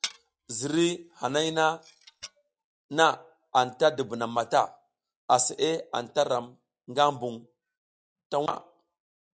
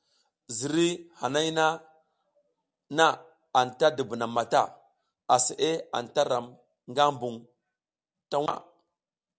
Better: second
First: noise reduction (classical method log-MMSE)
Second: none

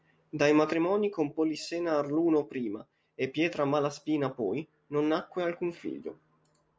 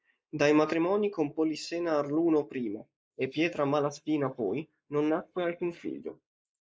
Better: first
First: none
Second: noise reduction (neural mask model Resemble Enhance denoiser)

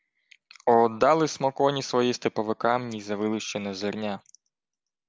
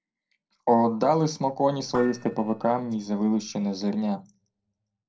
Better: first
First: none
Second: noise reduction (neural separator model SepFormer DNS4)

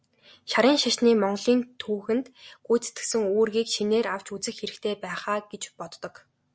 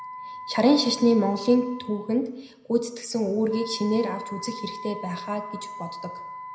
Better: first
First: none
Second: background sound (Wind instrument, woodwind instrument); 14 dB below the speech // room echo; dies away in 0.8 s

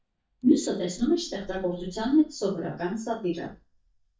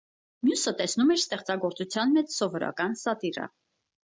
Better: second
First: noise reduction (neural mask model DeepFilterNet 3)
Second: none

